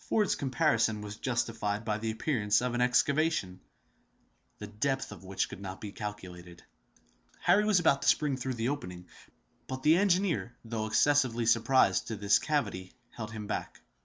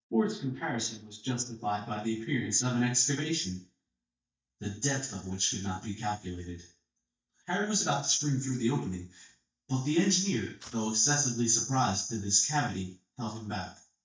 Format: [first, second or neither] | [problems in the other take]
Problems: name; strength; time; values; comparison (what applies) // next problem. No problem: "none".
first | noise reduction (neural mask model DeepFilterNet 3)